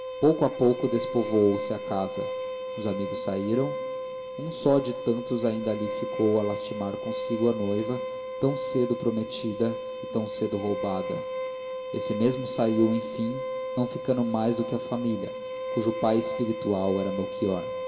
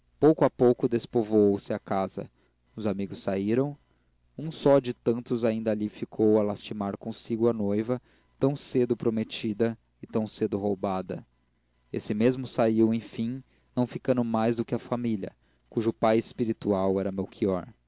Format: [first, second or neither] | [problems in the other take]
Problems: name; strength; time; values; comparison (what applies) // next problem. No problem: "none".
second | background sound (Bowed string instrument); 6 dB below the speech // room echo; dies away in 2.5 s